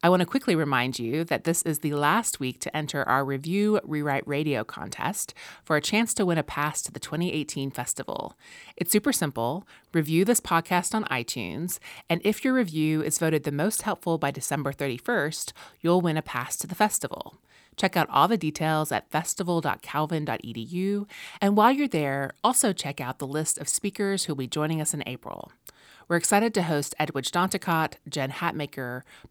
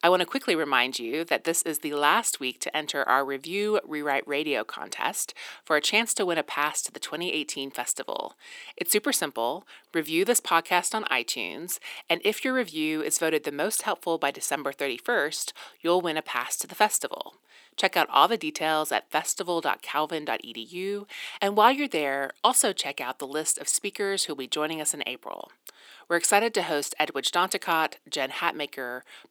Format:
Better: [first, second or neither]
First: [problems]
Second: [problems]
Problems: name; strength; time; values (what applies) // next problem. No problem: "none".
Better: first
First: none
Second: thin; somewhat; fading below 350 Hz